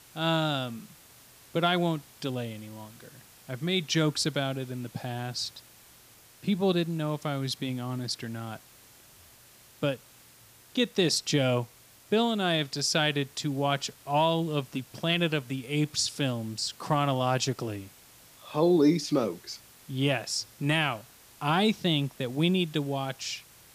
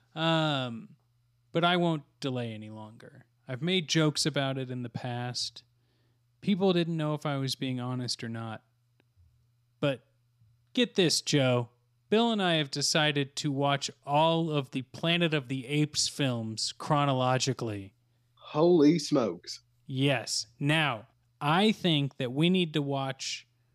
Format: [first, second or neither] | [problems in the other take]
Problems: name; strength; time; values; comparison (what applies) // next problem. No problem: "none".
second | hiss; faint; throughout; 25 dB below the speech